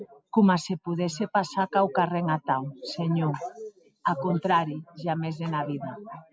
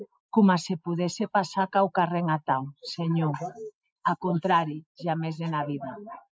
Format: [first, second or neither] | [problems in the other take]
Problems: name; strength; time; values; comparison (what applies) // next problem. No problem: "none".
first | noise reduction (neural mask model Resemble Enhance denoiser)